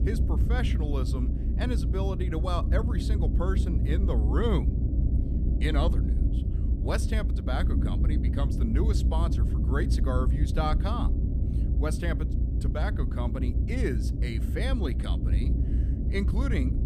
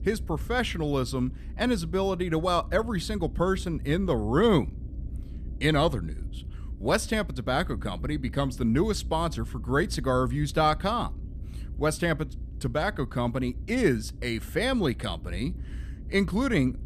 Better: second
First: low rumble; loud; throughout; 6 dB below the speech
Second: low rumble; faint; throughout; 25 dB below the speech

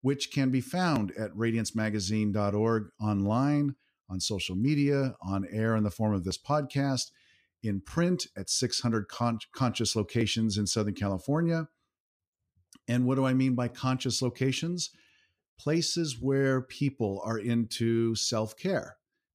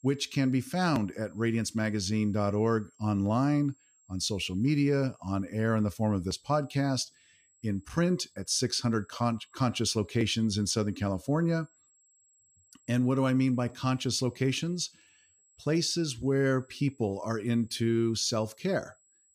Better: first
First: none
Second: high-pitched whine; faint; throughout; 7.5 kHz, 35 dB below the speech

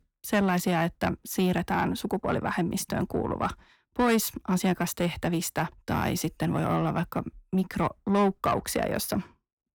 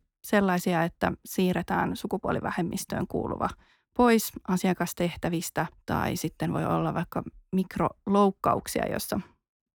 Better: second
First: distortion; slight; 10 dB below the speech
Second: none

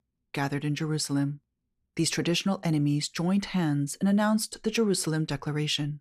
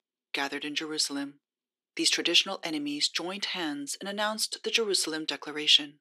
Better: first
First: none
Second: thin; somewhat; fading below 300 Hz

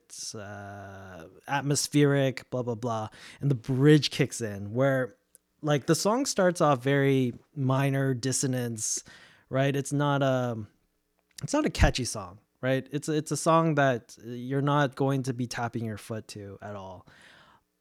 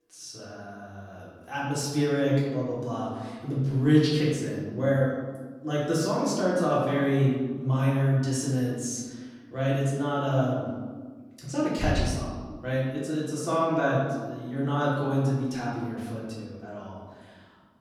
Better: first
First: none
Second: room echo; noticeable; dies away in 1.4 s // off-mic speech; far

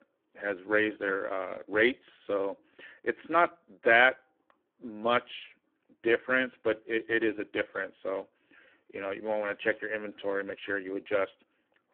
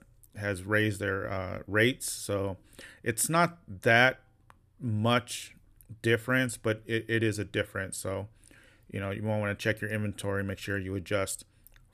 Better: second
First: phone-call audio; poor line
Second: none

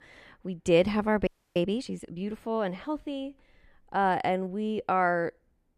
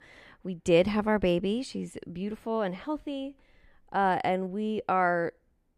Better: second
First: audio freezing; at 1.5 s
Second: none

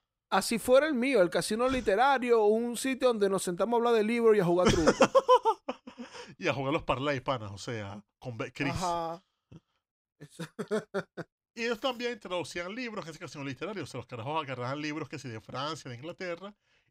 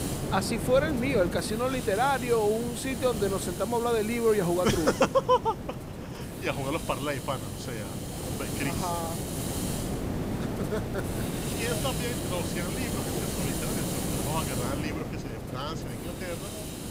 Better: first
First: none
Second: hiss; loud; throughout; 4 dB below the speech

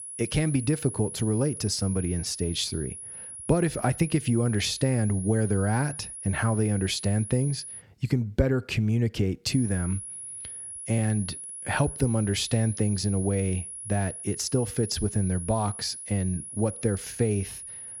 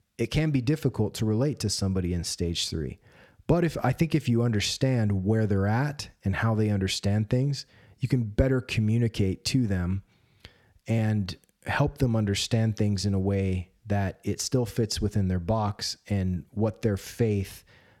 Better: second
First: high-pitched whine; loud; until 8 s and from 9.5 s on; 10.5 kHz, 9 dB below the speech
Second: none

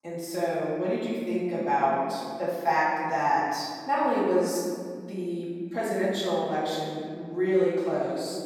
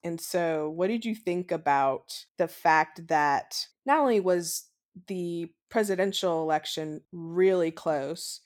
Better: second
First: room echo; strong; dies away in 1.9 s // off-mic speech; far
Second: none

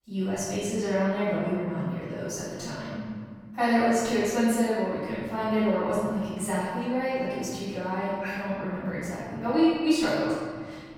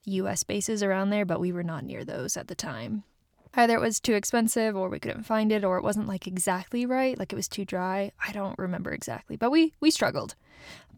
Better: second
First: room echo; strong; dies away in 1.8 s // off-mic speech; far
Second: none

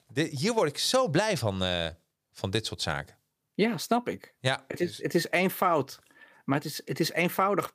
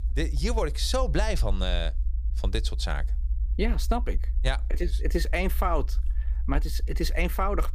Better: first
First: none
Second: low rumble; faint; throughout; 20 dB below the speech

